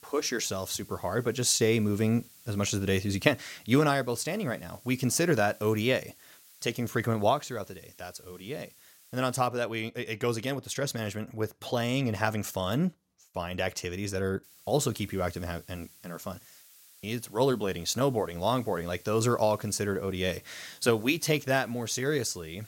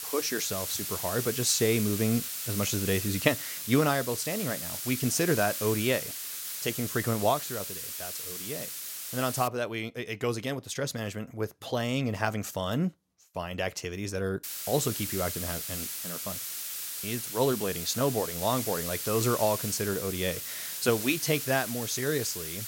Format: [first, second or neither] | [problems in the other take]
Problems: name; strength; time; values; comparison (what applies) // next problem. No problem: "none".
first | hiss; loud; until 9.5 s and from 14 s on; 4 dB below the speech; faint in the first